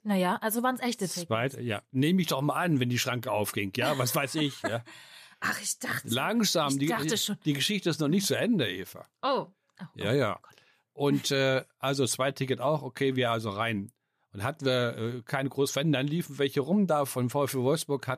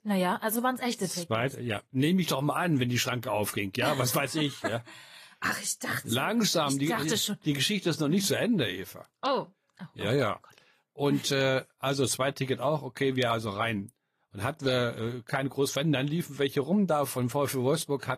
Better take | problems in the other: first | garbled, watery; slightly; nothing above 14.5 kHz

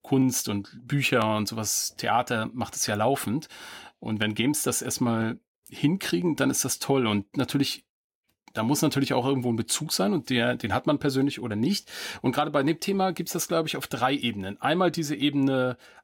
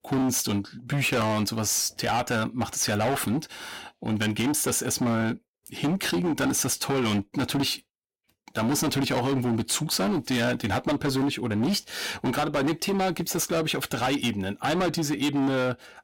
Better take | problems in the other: first | distortion; heavy; 21% of the sound clipped

